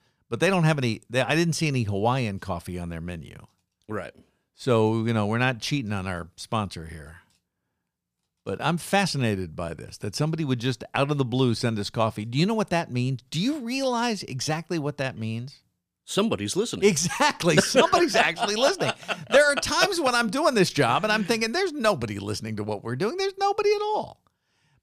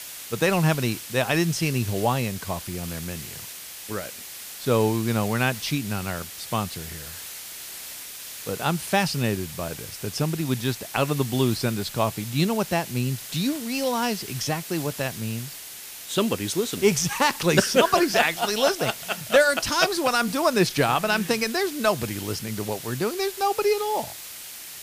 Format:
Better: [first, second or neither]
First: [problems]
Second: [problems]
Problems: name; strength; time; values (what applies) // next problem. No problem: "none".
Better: first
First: none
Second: hiss; noticeable; throughout; 10 dB below the speech